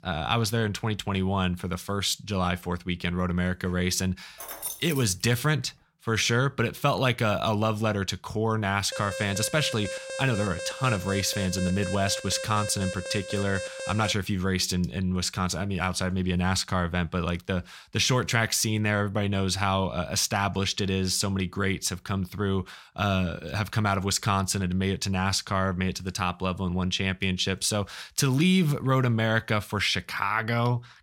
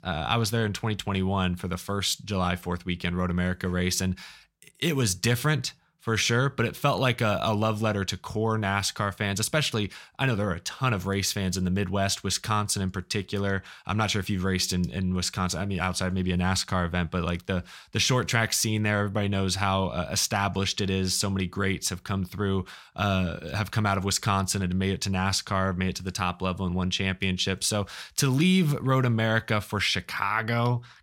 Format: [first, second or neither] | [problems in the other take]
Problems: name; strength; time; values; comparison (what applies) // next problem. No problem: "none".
second | jangling keys; noticeable; at 4.5 s; peak 7 dB below the speech // alarm; noticeable; from 9 to 14 s; peak 8 dB below the speech